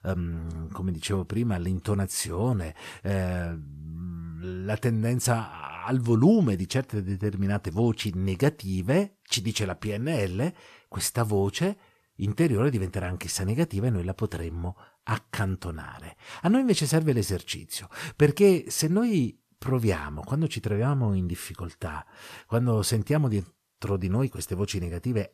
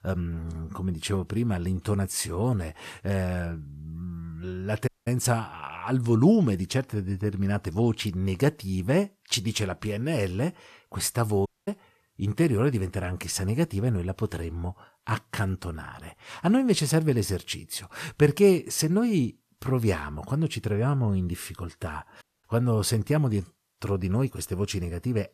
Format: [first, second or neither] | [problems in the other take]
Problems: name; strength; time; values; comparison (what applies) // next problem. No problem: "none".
first | audio cutting out; at 5 s, at 11 s and at 22 s